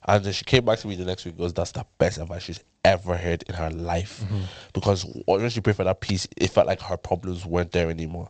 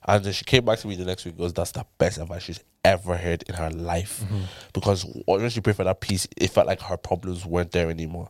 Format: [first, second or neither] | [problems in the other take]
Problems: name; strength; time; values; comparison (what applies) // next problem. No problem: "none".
second | garbled, watery; slightly; nothing above 8 kHz